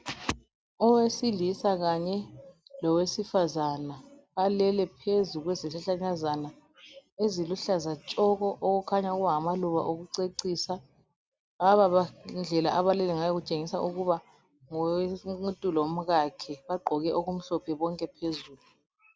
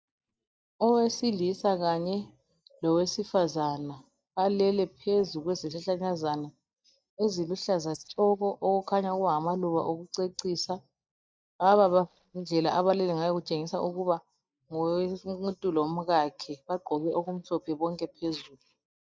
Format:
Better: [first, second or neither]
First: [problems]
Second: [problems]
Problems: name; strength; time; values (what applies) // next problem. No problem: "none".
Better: first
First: none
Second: noise reduction (neural mask model DeepFilterNet 3)